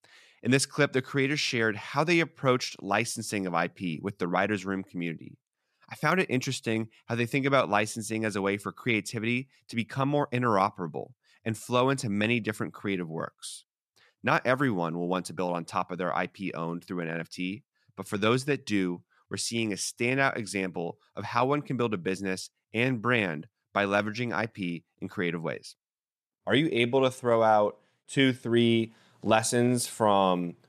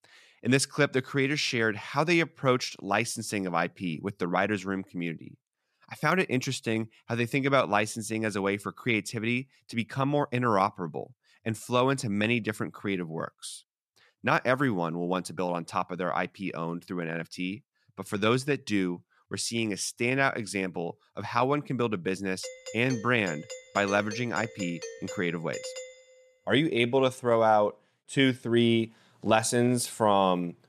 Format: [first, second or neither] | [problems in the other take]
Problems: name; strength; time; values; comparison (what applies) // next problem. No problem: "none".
first | doorbell; faint; from 22 to 26 s; peak 10 dB below the speech